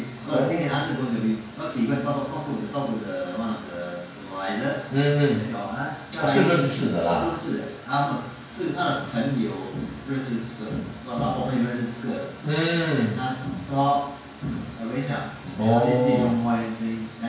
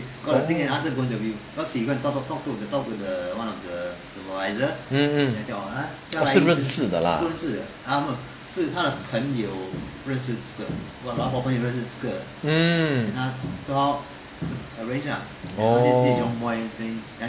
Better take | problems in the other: second | room echo; dies away in 0.5 s

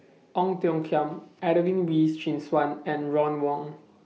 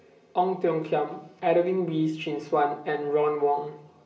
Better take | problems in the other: first | room echo; dies away in 0.8 s

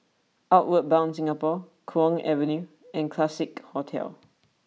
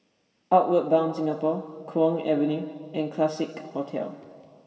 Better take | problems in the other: first | room echo; dies away in 2.1 s

